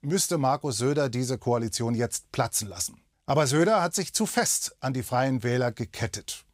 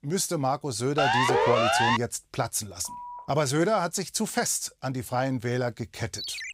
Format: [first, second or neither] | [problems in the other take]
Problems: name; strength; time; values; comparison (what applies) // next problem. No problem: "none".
first | siren; loud; at 1 s; peak 6 dB above the speech // phone ringing; faint; at 3 s; peak 10 dB below the speech // phone ringing; very faint; at 6 s; peak 5 dB below the speech